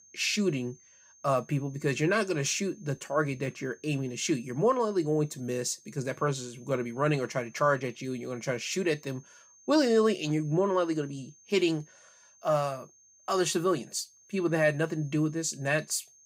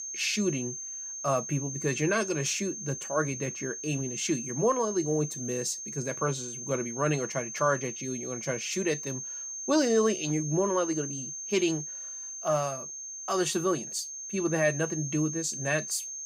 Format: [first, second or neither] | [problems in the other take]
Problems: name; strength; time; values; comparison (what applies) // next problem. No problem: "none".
first | high-pitched whine; loud; throughout; 6.5 kHz, 6 dB below the speech; faint in the first